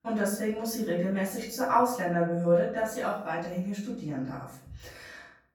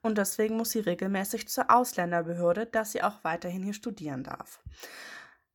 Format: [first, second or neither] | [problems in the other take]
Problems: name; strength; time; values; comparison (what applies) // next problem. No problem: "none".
second | off-mic speech; far // room echo; noticeable; dies away in 0.6 s